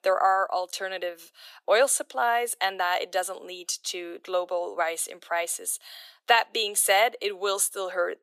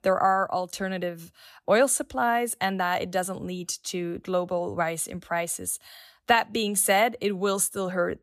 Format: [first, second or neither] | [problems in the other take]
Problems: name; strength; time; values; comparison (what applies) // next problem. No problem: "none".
second | thin; very; fading below 400 Hz